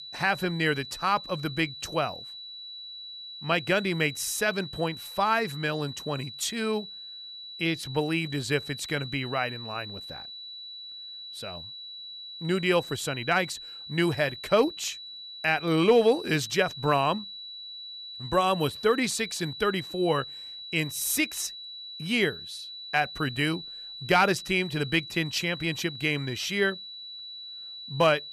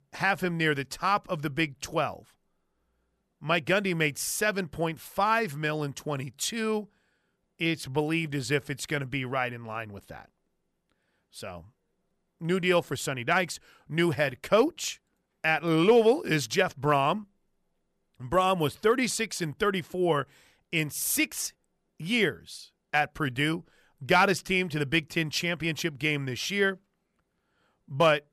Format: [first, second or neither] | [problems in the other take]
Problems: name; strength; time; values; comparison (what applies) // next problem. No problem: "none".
second | high-pitched whine; noticeable; throughout; 4 kHz, 10 dB below the speech